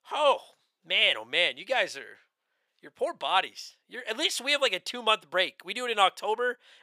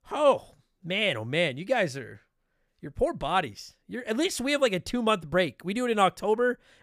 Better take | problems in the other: second | thin; somewhat; fading below 550 Hz

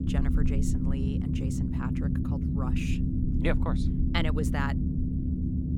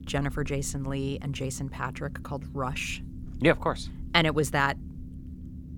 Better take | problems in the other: second | low rumble; loud; throughout; 1 dB below the speech; faint in the second

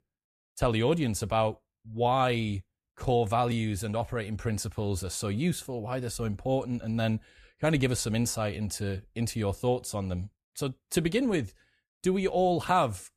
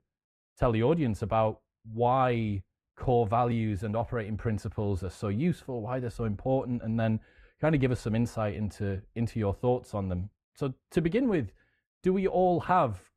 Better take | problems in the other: first | muffled; very; fading above 3 kHz

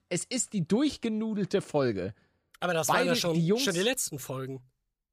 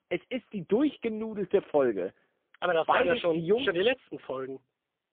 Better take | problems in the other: first | phone-call audio; poor line; nothing above 3.5 kHz

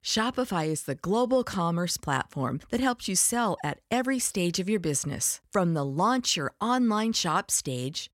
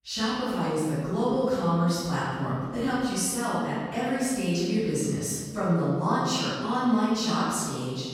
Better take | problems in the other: first | off-mic speech; far // room echo; strong; dies away in 1.6 s

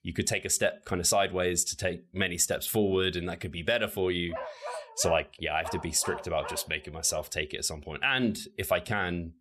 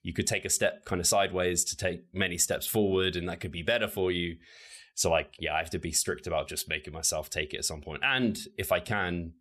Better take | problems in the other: second | dog barking; noticeable; from 4.5 to 7 s; peak 9 dB below the speech

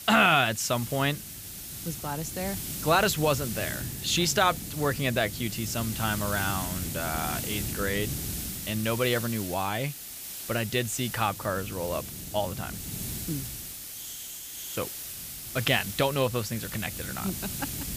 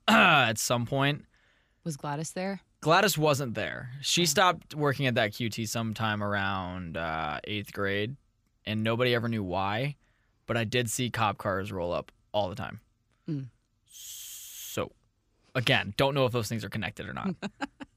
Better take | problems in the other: second | hiss; loud; throughout; 6 dB below the speech

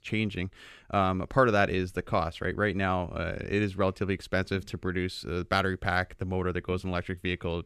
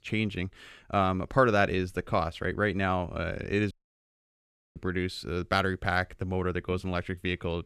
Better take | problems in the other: first | audio cutting out; at 3.5 s for 1 s

